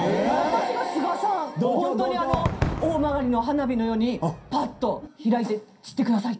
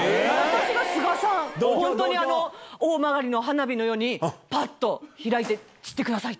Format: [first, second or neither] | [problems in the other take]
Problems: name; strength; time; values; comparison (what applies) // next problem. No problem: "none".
second | background sound (Crowd / Cheering / Fireworks); 11 dB below the speech // room echo; dies away in 0.3 s